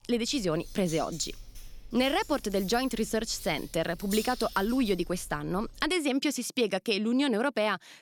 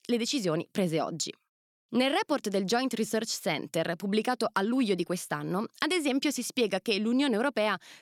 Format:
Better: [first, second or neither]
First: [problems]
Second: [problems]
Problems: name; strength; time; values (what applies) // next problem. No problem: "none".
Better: second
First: jangling keys; noticeable; until 6 s; peak 8 dB below the speech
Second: none